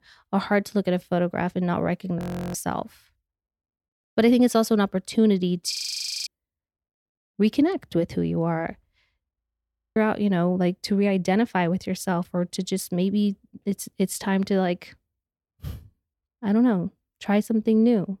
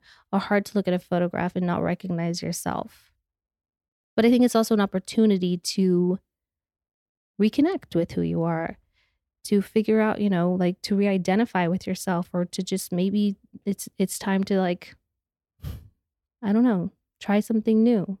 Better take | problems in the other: second | audio freezing; at 2 s, at 5.5 s for 0.5 s and at 9.5 s for 0.5 s

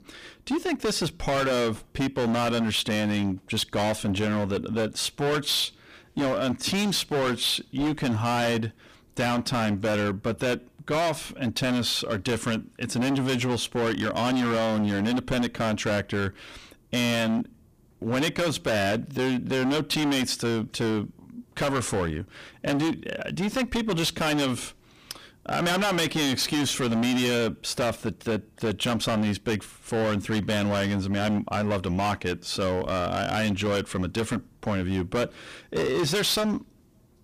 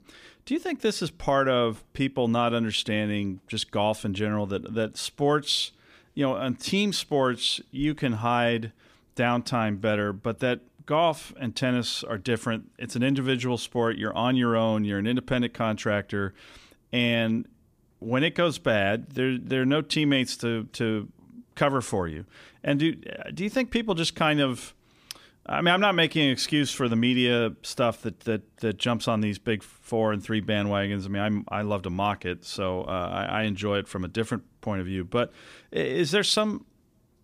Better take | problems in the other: second | distortion; heavy; 24% of the sound clipped

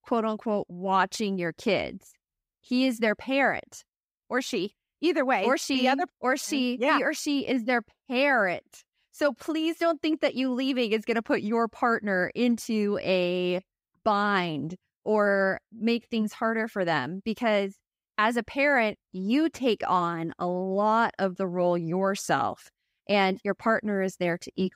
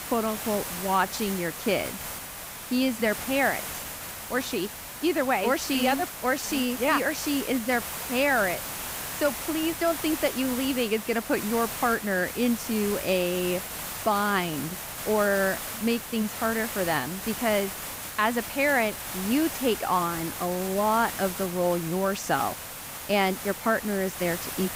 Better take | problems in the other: first | hiss; loud; throughout; 7 dB below the speech

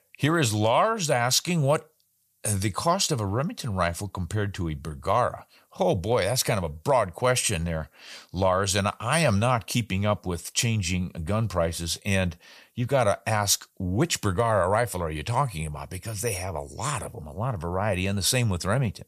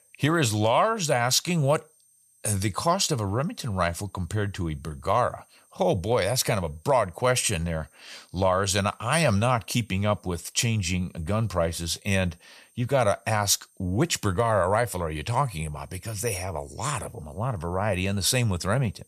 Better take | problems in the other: first | high-pitched whine; faint; throughout; 8.5 kHz, 35 dB below the speech

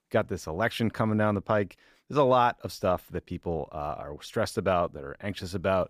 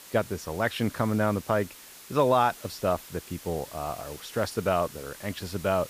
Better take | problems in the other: first | hiss; noticeable; throughout; 15 dB below the speech

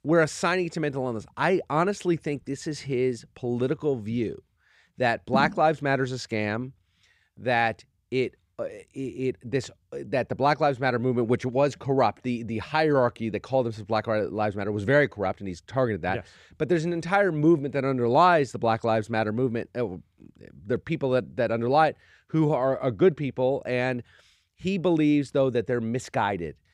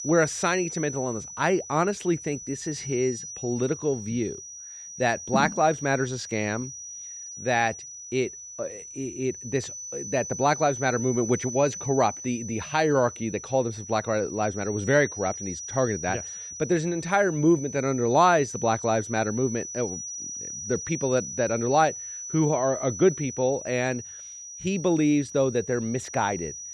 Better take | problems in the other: first | high-pitched whine; loud; throughout; 6 kHz, 10 dB below the speech

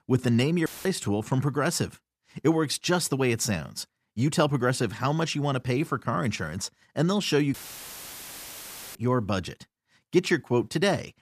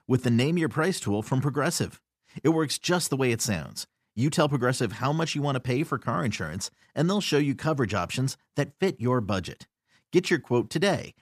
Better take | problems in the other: second | audio cutting out; filled with static; at 0.5 s and at 7.5 s for 1.5 s

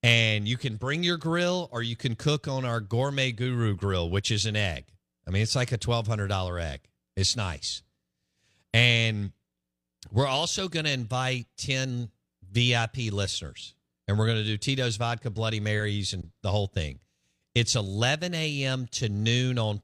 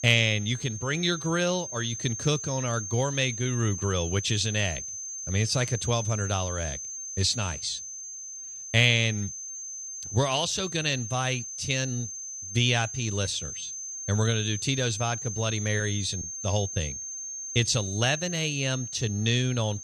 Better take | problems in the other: first | high-pitched whine; loud; throughout; 6.5 kHz, 7 dB below the speech

